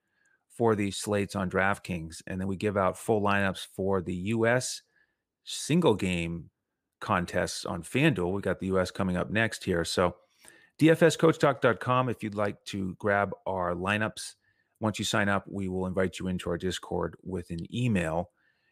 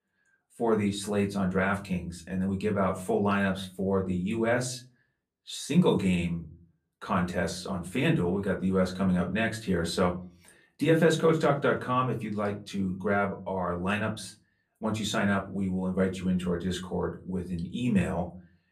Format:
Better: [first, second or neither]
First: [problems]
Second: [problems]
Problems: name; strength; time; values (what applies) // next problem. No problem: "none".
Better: first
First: none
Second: off-mic speech; far // room echo; very slight; dies away in 0.3 s